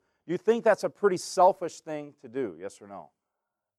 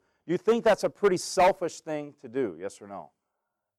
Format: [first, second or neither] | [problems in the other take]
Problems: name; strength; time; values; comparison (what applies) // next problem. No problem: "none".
first | distortion; slight; 3% of the sound clipped